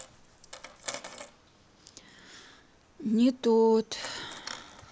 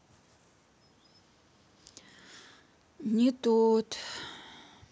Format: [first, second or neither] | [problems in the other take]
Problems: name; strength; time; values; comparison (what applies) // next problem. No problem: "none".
second | background sound (Coin (dropping)); 17 dB below the speech